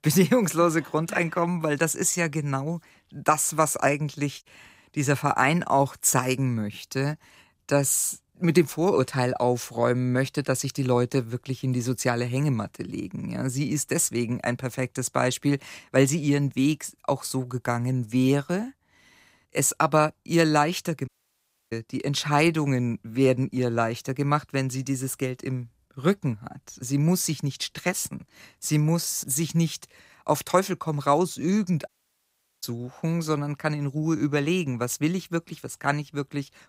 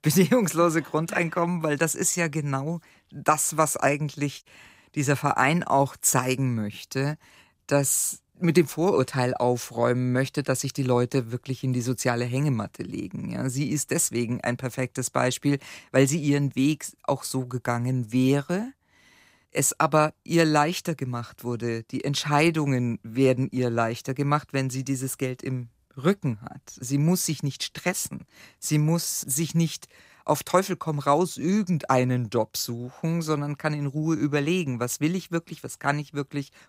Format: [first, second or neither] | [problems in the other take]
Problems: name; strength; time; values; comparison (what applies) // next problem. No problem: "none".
second | audio cutting out; at 21 s for 0.5 s and at 32 s for 0.5 s